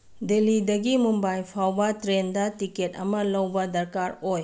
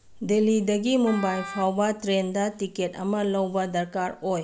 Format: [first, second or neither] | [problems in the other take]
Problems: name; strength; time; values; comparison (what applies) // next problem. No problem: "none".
first | background sound (Wind instrument, woodwind instrument); 14 dB below the speech